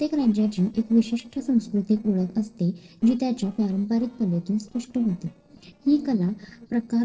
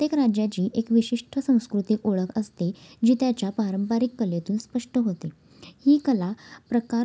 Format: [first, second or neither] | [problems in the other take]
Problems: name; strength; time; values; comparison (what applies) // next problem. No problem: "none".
second | noise reduction (neural separator model SepFormer DNS4)